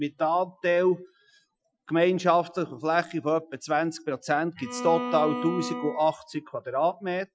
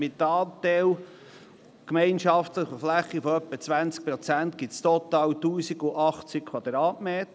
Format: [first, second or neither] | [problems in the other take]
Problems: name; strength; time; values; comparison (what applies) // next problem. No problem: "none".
second | noise reduction (classical method Wiener filter)